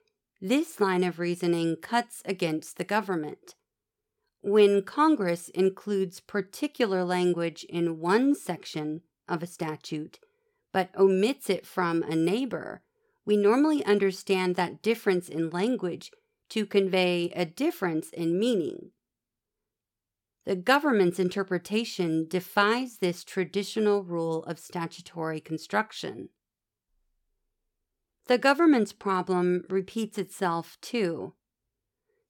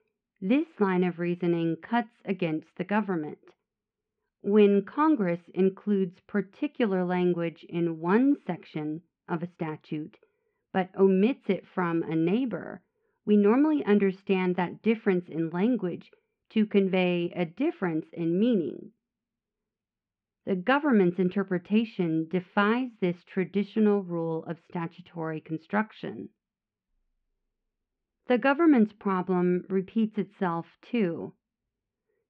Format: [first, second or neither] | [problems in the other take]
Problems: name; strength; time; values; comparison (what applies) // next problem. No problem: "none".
first | muffled; very; fading above 2.5 kHz